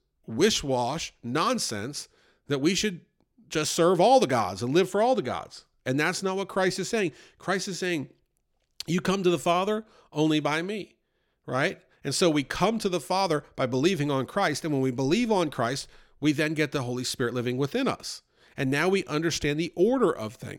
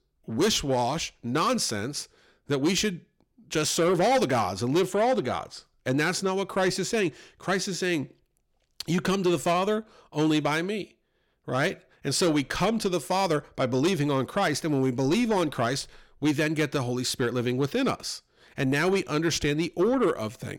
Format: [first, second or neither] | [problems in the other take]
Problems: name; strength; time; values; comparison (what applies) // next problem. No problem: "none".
first | distortion; slight; 10 dB below the speech